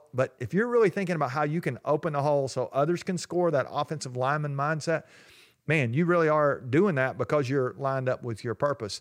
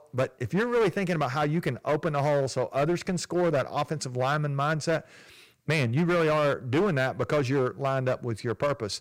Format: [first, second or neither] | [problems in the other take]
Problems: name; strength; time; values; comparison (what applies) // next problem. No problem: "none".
first | distortion; slight; 14% of the sound clipped